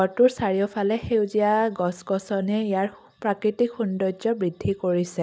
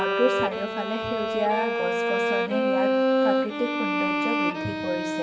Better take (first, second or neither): first